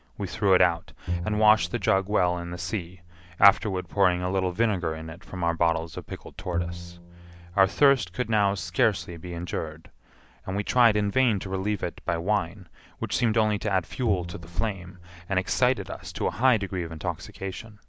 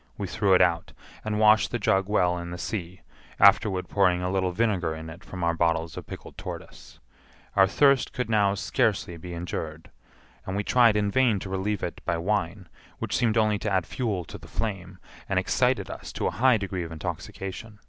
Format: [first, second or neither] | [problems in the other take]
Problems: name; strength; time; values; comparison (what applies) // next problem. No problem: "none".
second | background sound (Bowed string instrument); 11 dB below the speech